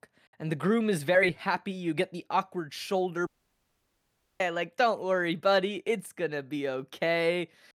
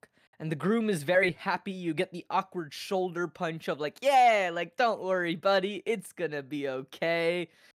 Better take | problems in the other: second | audio cutting out; at 3.5 s for 1 s

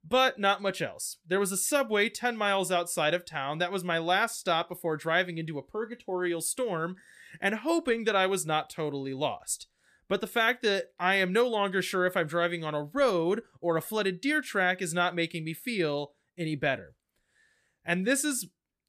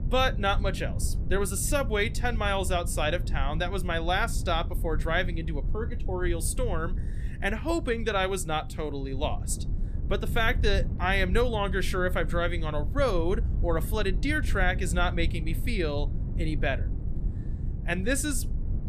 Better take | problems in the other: first | low rumble; noticeable; throughout; 20 dB below the speech

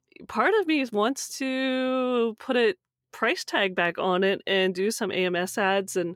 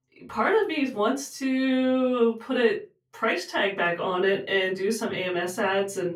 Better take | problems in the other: first | off-mic speech; far // room echo; very slight; dies away in 0.3 s

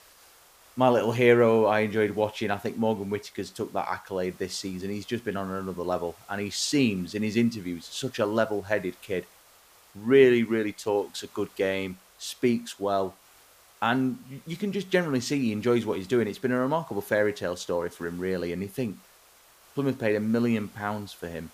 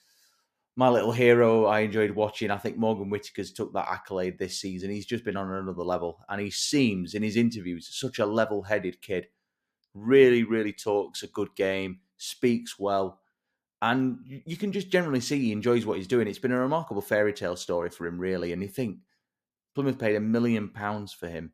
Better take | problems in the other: second | hiss; faint; throughout; 25 dB below the speech

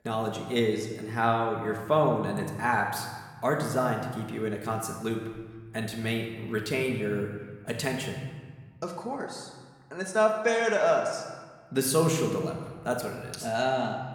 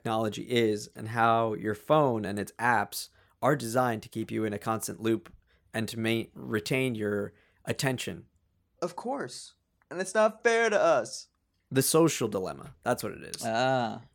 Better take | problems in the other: second | room echo; noticeable; dies away in 1.3 s // off-mic speech; somewhat distant

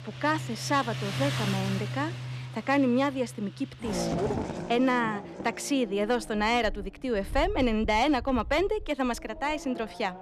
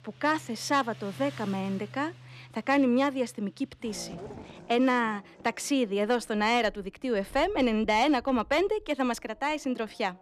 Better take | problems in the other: second | traffic noise; loud; throughout; 8 dB below the speech; faint in the second

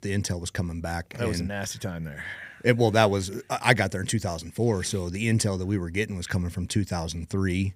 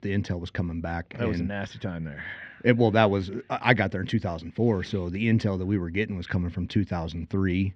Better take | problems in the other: first | muffled; slightly; fading above 3.5 kHz

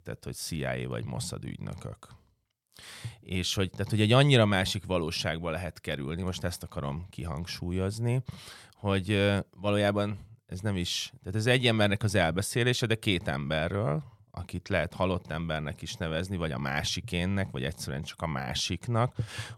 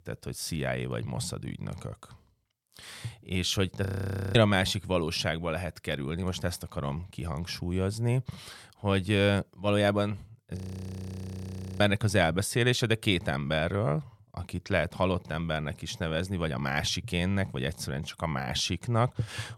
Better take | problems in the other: first | audio freezing; at 4 s and at 11 s for 1 s

